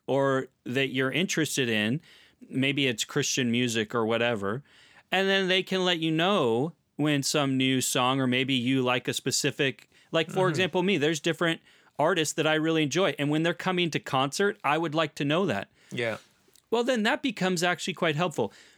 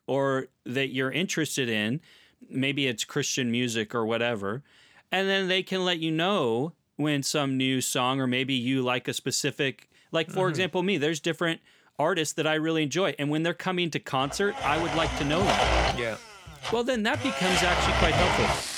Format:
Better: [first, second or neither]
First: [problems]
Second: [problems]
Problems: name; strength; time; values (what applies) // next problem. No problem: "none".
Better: first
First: none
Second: household noises; very loud; from 15 s on; 1 dB above the speech